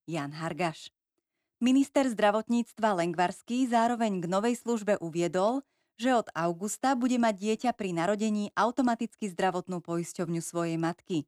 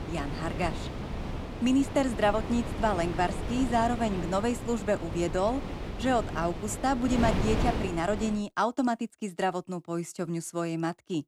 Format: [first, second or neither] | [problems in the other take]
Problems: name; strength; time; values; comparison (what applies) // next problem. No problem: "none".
first | wind noise on the microphone; heavy; until 8.5 s; 8 dB below the speech